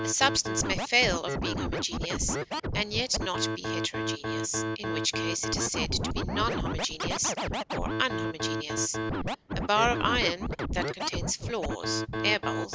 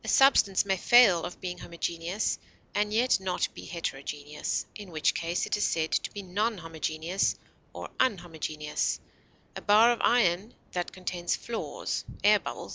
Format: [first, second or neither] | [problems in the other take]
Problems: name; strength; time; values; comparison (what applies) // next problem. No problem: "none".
second | background sound (Scratching (performance technique)); as loud as the speech